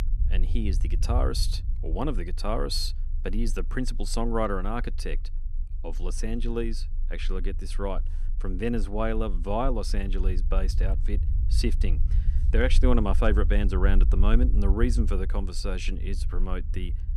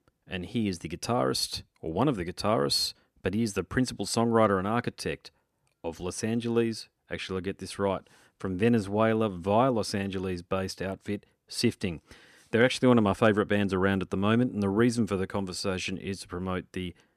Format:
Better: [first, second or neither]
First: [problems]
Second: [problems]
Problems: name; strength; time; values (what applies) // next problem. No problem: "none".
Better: second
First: low rumble; noticeable; throughout; 15 dB below the speech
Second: none